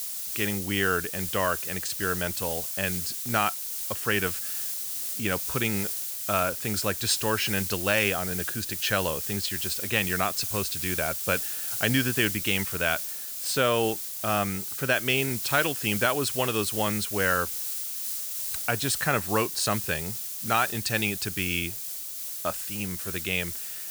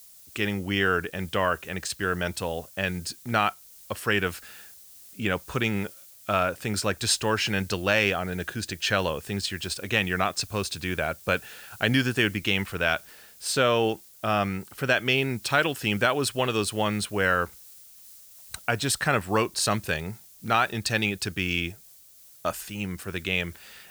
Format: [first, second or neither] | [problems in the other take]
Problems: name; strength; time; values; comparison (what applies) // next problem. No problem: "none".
second | hiss; loud; throughout; 2 dB below the speech; faint in the second